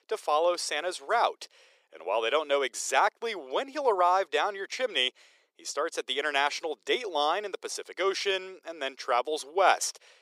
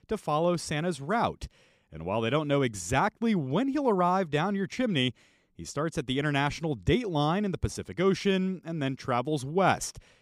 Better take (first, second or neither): second